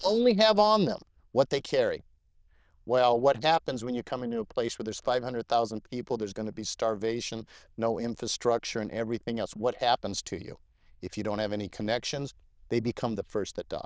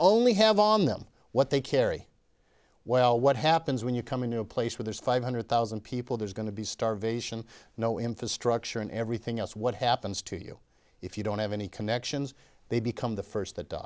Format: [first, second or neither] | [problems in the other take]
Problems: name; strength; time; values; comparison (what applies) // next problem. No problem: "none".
second | noise reduction (neural diffusion model UNIVERSE++)